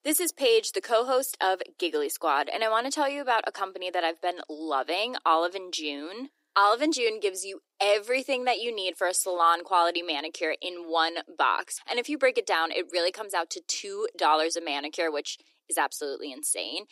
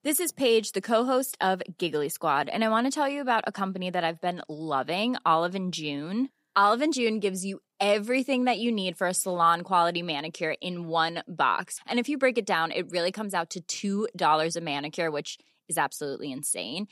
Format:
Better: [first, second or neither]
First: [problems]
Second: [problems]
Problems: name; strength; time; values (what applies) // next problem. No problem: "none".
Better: second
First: thin; somewhat; fading below 300 Hz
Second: none